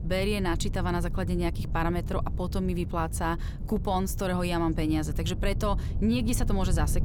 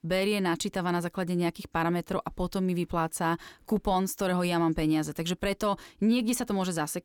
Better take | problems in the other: second | wind noise on the microphone; occasional gusts; 15 dB below the speech

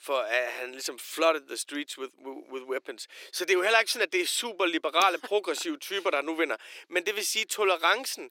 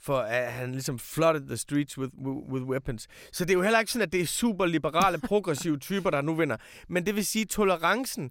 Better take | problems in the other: second | thin; very; fading below 350 Hz

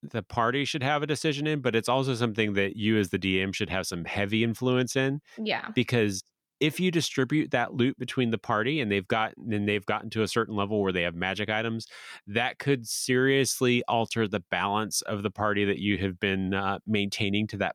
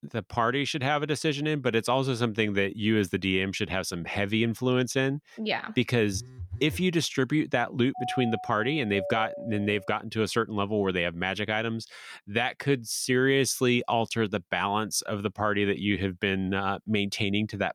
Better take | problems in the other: first | phone ringing; faint; at 6 s; peak 10 dB below the speech // doorbell; noticeable; from 8 to 10 s; peak 7 dB below the speech

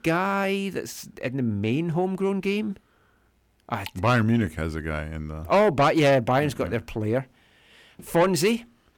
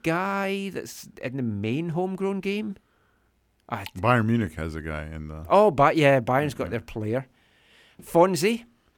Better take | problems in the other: second | distortion; slight; 10 dB below the speech

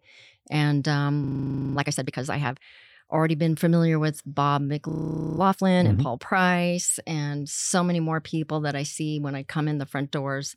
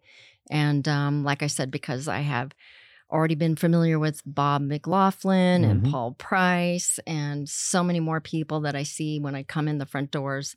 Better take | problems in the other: second | audio freezing; at 1 s for 0.5 s and at 5 s

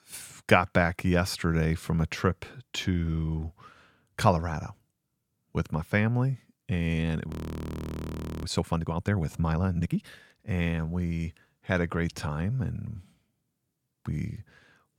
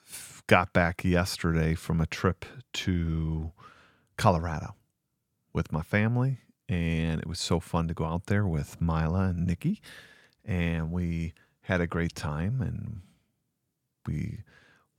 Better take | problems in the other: second | audio freezing; at 7.5 s for 1 s

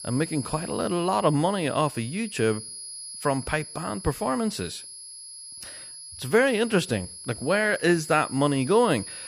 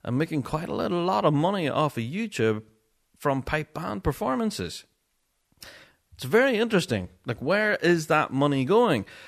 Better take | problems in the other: second | high-pitched whine; noticeable; throughout; 10.5 kHz, 10 dB below the speech

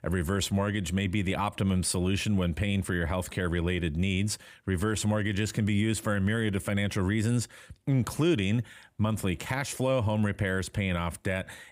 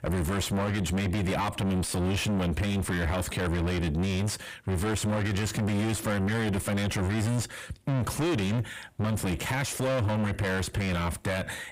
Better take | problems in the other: first | distortion; heavy; 5 dB below the speech

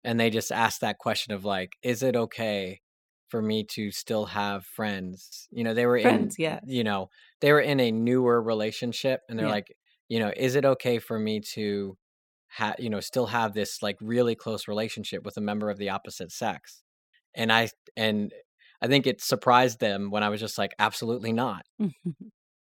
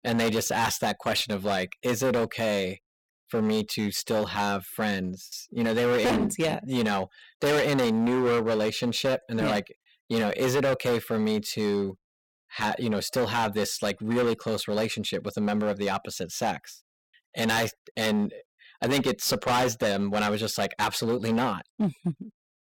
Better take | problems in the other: first | distortion; heavy; 13% of the sound clipped

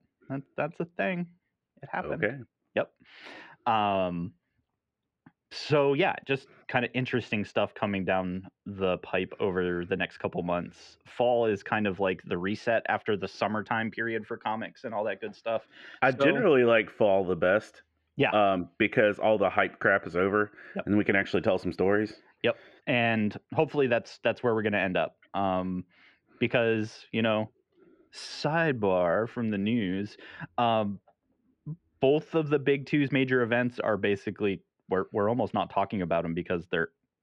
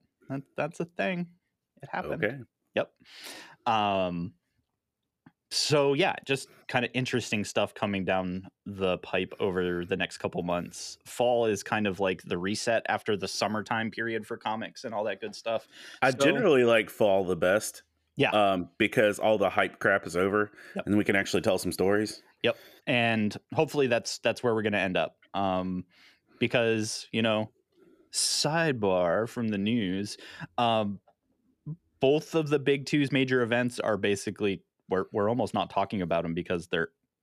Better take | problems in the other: second | muffled; slightly; fading above 2.5 kHz

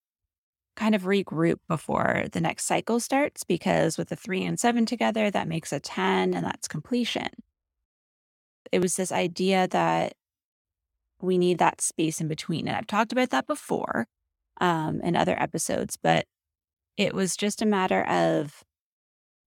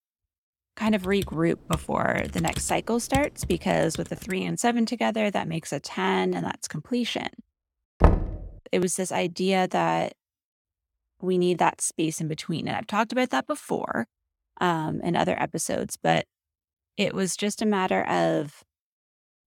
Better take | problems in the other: first | keyboard typing; noticeable; from 1 to 4.5 s; peak 7 dB below the speech // door banging; loud; at 8 s; peak 4 dB above the speech

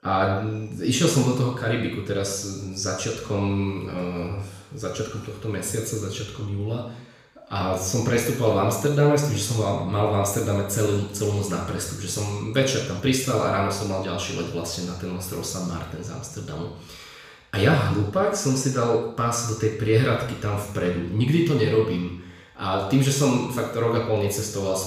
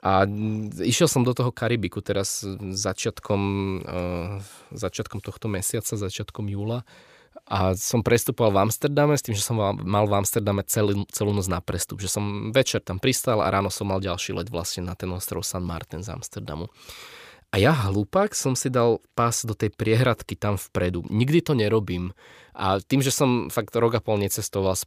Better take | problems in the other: second | room echo; noticeable; dies away in 0.7 s // off-mic speech; far

